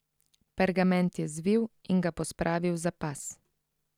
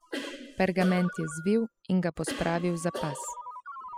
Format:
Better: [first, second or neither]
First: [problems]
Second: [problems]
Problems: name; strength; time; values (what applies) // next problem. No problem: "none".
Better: first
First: none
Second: noise reduction (classical method spectral subtraction)